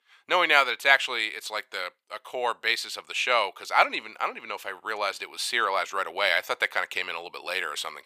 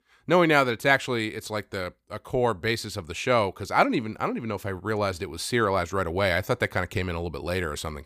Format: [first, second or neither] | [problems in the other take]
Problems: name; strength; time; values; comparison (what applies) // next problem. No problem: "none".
second | thin; very; fading below 800 Hz